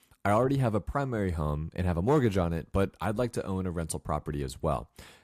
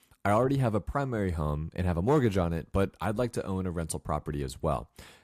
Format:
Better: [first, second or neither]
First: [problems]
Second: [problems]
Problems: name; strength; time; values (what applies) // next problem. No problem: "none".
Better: neither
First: none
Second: none